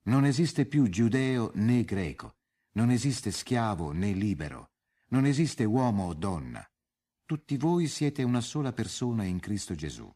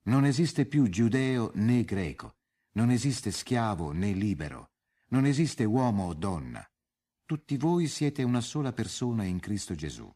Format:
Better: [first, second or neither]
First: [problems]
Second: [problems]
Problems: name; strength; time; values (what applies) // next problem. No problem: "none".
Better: neither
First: none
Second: none